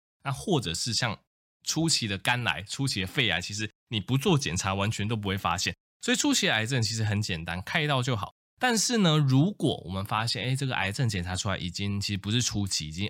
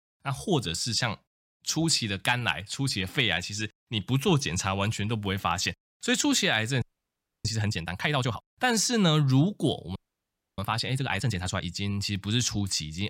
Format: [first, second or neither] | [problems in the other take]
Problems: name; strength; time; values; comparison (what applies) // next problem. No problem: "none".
first | audio freezing; at 7 s for 0.5 s and at 10 s for 0.5 s